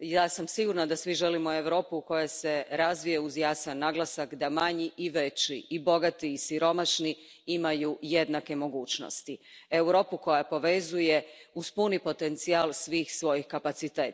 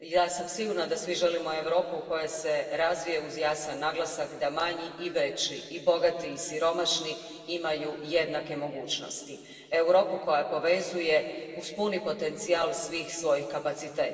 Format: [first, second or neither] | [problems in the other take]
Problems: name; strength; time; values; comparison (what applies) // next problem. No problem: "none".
first | room echo; dies away in 2.7 s